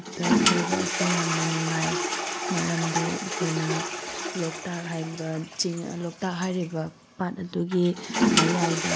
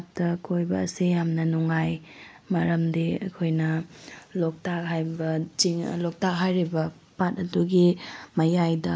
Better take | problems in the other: second | background sound (Toilet flush); 1 dB above the speech

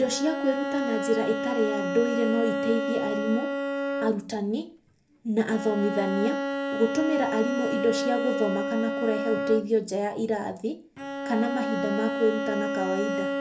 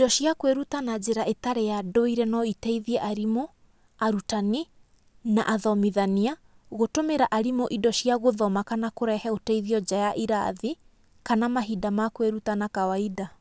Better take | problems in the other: second | background sound (Bowed string instrument); 2 dB below the speech // room echo; dies away in 0.3 s

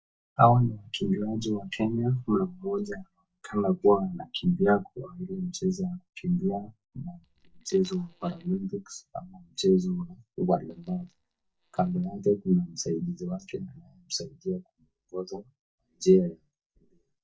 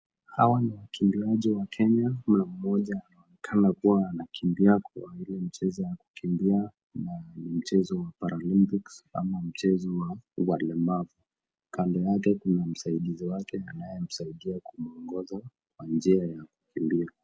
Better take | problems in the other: second | noise reduction (neural mask model DeepFilterNet 3)

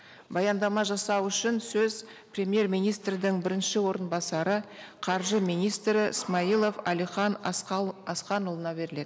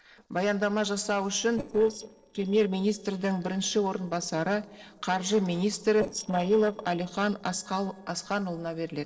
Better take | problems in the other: first | noise reduction (neural separator model SepFormer DNS4)

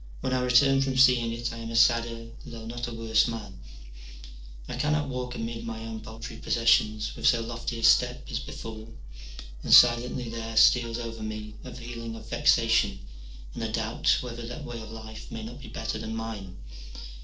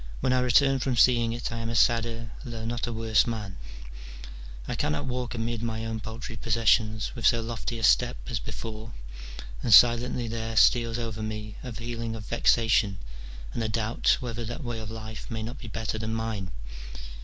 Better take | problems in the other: second | noise reduction (neural separator model SepFormer DNS4)

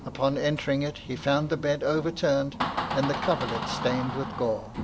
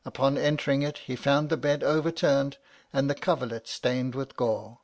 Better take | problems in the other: second | background sound (Door); 7 dB below the speech

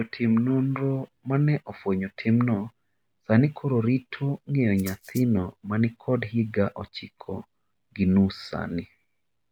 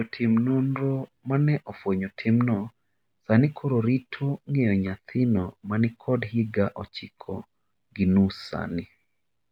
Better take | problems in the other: second | background sound (Rattle (instrument)); 19 dB below the speech

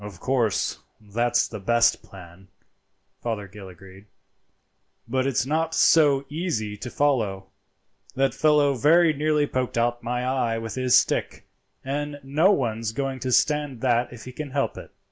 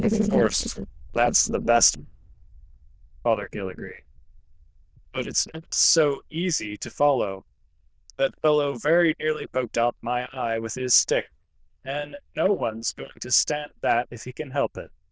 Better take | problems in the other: first | noise reduction (neural diffusion model UNIVERSE++)

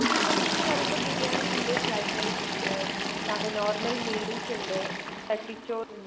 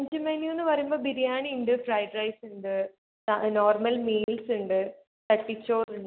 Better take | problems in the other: second | background sound (Toilet flush); 4 dB above the speech

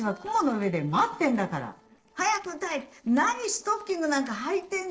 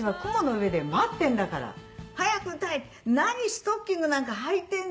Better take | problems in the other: second | noise reduction (neural separator model SepFormer DNS4)

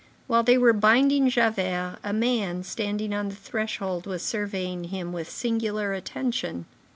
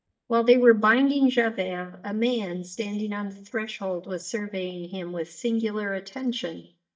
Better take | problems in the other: first | noise reduction (neural mask model DeepFilterNet 3)

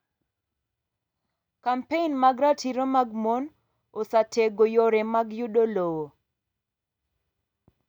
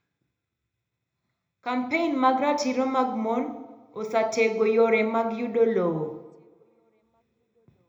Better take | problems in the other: first | room echo; dies away in 0.8 s

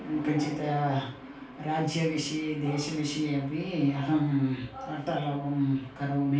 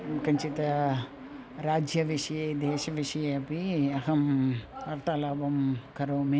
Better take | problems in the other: second | room echo; dies away in 0.3 s

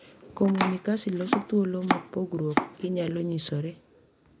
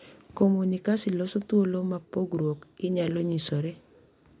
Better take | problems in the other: second | background sound (Domestic sounds, home sounds); 3 dB below the speech

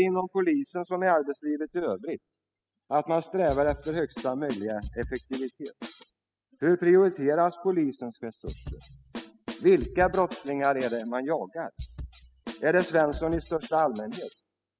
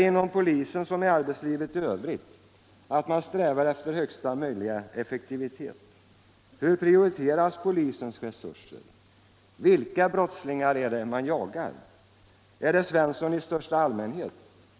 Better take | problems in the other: second | noise reduction (classical method spectral subtraction)

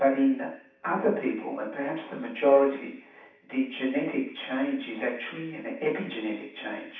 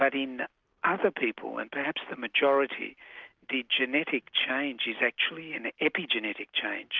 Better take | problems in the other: second | room echo; dies away in 0.7 s

